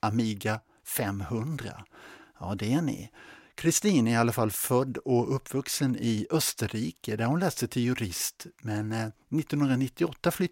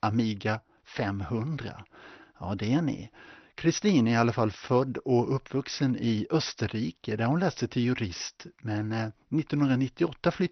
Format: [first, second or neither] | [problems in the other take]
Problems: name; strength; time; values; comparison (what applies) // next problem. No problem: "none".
first | garbled, watery; slightly; nothing above 6 kHz